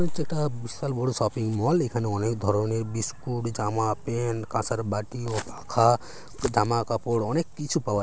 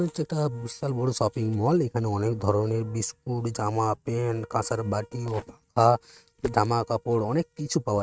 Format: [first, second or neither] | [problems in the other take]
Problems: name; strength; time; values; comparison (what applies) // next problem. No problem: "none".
first | noise reduction (neural mask model RNNoise)